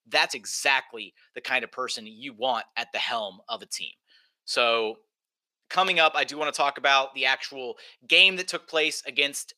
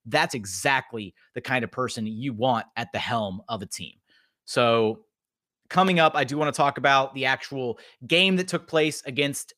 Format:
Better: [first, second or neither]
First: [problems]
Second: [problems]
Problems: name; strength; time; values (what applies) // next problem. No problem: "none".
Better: second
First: thin; somewhat; fading below 450 Hz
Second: none